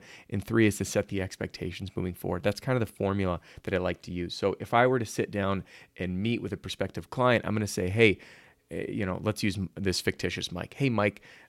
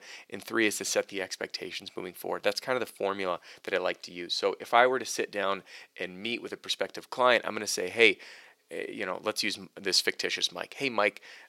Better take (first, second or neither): first